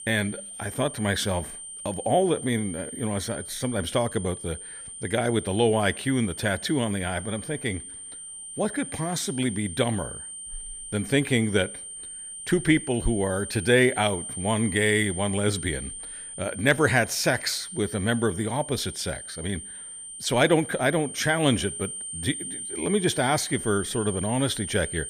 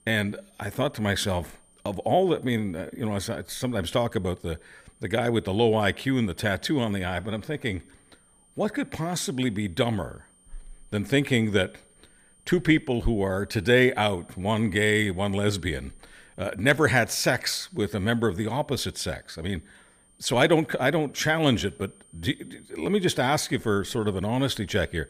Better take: second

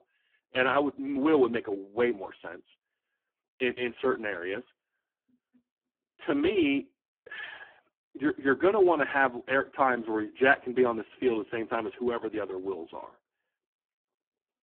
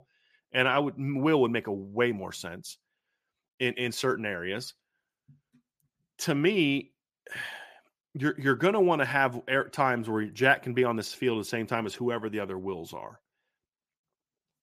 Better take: second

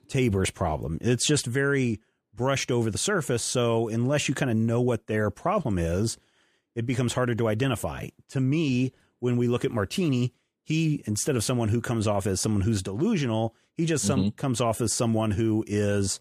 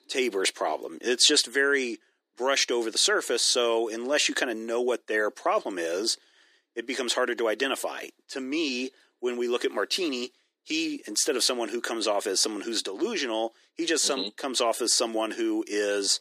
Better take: first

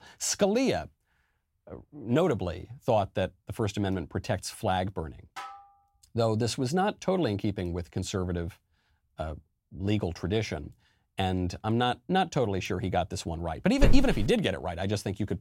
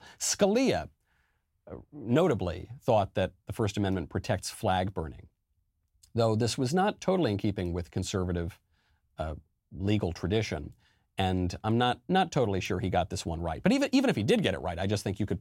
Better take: second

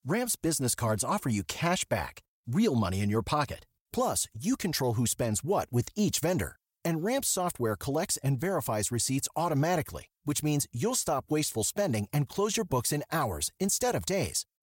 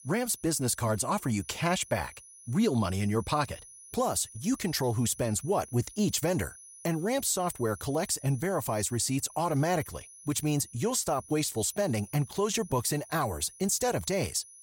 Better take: first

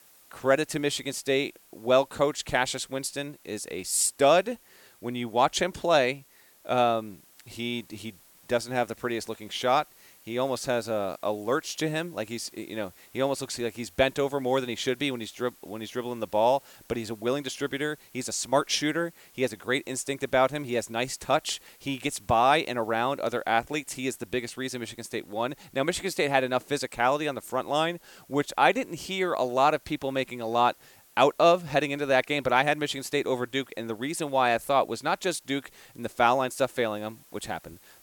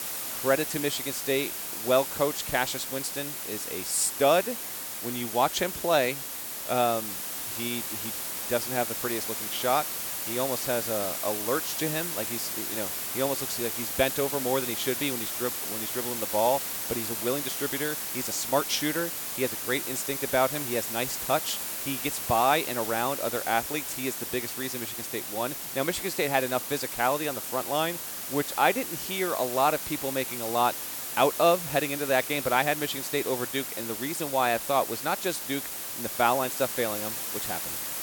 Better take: first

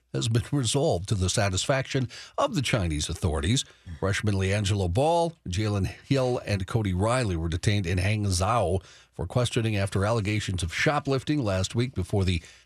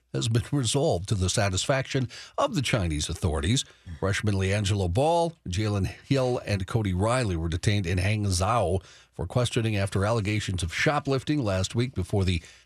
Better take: neither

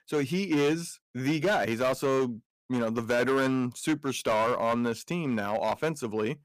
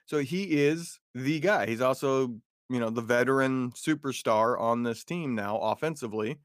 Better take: second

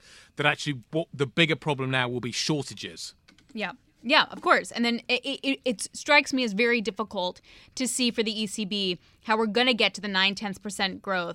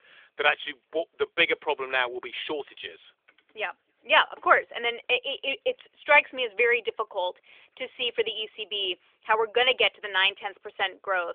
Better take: first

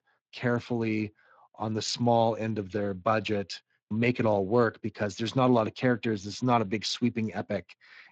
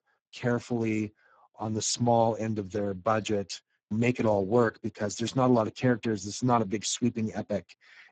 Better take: first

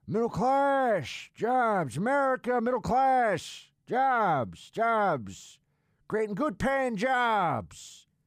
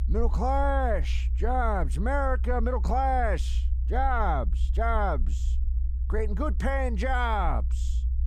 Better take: first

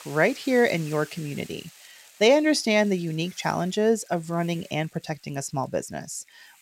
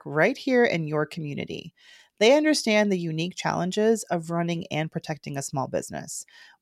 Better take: second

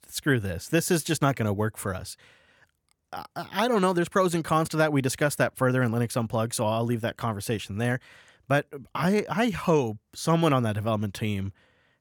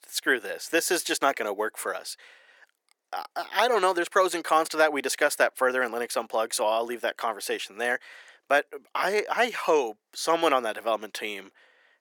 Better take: first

